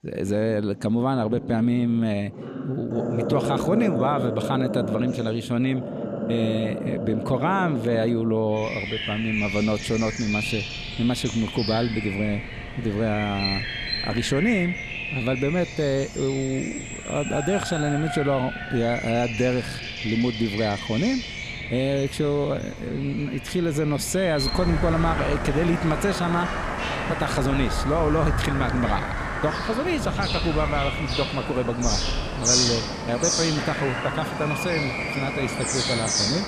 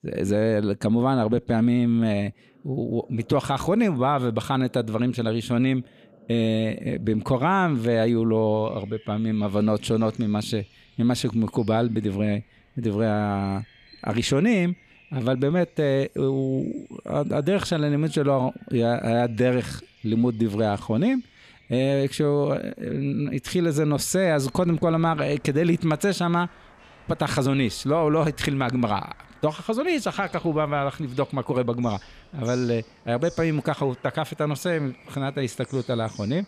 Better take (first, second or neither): second